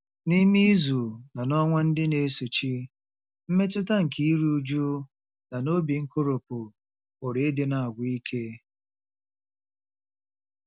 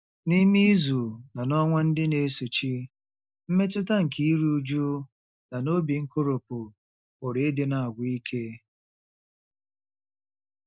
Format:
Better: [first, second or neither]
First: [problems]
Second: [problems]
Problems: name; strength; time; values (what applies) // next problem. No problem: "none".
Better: first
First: none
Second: noise reduction (neural mask model Resemble Enhance denoiser)